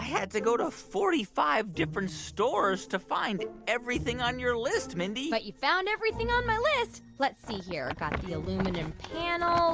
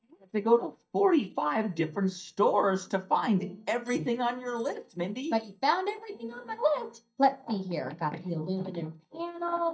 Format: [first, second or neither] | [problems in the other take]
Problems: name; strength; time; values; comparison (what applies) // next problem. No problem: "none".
first | noise reduction (neural mask model DeepFilterNet 3)